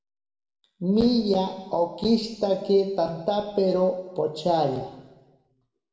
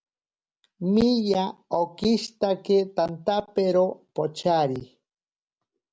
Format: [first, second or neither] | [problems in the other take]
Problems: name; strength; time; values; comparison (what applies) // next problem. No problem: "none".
second | room echo; dies away in 1.1 s